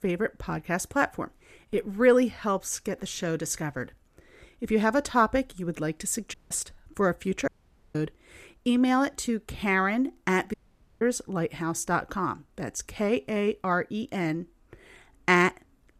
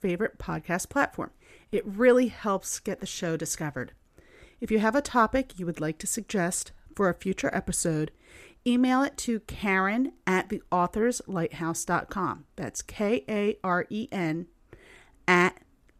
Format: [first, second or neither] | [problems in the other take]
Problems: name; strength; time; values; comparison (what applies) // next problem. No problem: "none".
second | audio cutting out; at 6.5 s, at 7.5 s and at 11 s